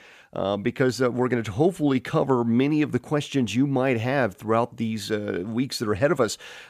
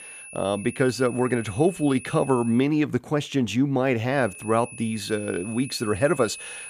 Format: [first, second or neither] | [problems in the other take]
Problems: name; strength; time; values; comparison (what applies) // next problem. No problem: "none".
first | high-pitched whine; noticeable; until 2.5 s and from 4 s on; 2.5 kHz, 15 dB below the speech